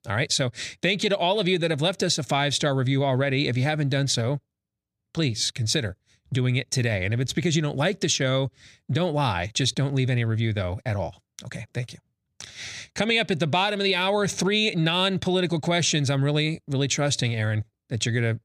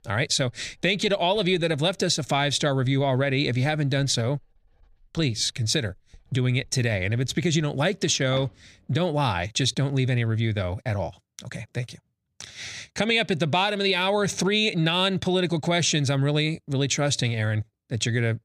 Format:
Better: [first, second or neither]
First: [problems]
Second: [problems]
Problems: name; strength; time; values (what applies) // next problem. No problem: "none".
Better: first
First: none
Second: household noises; faint; until 9 s; 25 dB below the speech